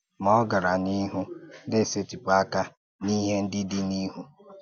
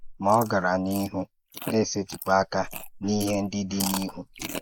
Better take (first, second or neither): first